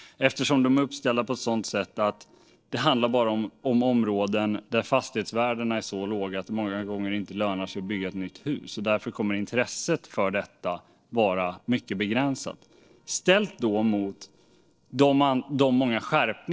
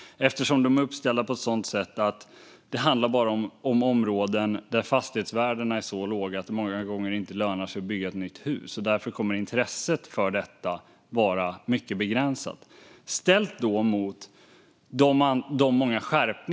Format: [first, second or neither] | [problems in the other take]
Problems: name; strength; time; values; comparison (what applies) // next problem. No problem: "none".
second | noise reduction (neural separator model SepFormer DNS4)